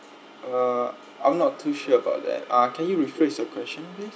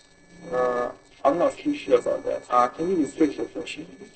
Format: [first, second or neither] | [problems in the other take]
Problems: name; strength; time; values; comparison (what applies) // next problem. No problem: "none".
first | noise reduction (neural separator model SepFormer DNS4)